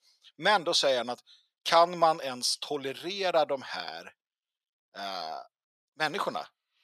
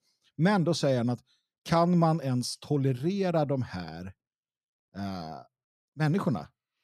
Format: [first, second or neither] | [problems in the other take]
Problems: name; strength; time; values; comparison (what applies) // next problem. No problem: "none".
second | thin; very; fading below 700 Hz